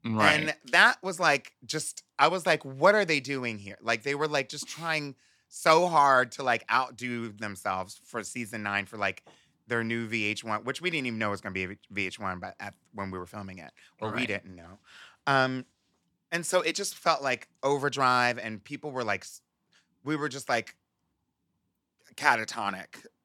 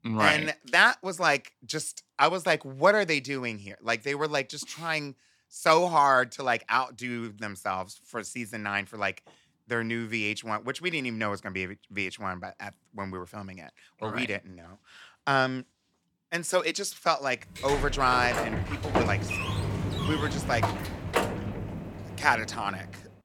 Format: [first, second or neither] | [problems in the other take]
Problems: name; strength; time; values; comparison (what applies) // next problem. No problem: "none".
first | door banging; loud; from 18 to 23 s; peak level with the speech